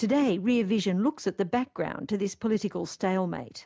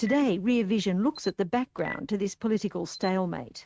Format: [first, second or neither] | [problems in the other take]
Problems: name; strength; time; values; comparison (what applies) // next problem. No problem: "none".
first | noise reduction (neural mask model RNNoise)